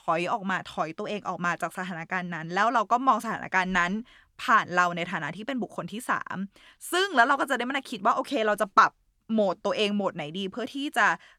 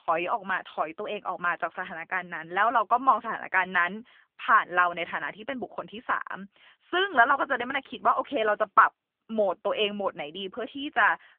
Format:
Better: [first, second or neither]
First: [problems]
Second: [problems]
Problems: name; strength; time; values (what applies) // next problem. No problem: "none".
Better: first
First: none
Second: phone-call audio; nothing above 3.5 kHz